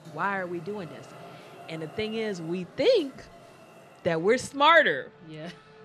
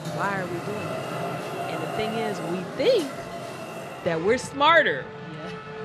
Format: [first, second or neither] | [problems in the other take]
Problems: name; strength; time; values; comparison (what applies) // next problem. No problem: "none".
first | traffic noise; loud; throughout; 9 dB below the speech; faint in the first